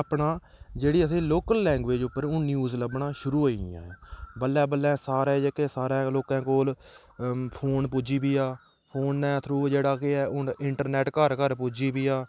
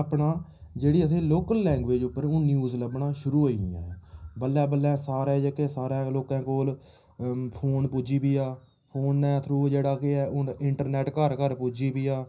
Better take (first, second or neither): first